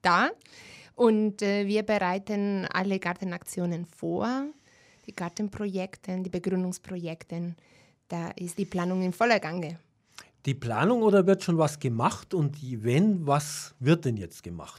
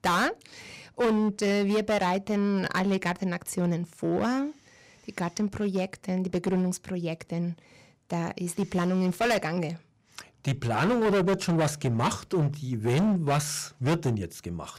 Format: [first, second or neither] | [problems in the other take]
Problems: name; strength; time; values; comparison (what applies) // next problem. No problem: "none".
first | distortion; heavy; 11% of the sound clipped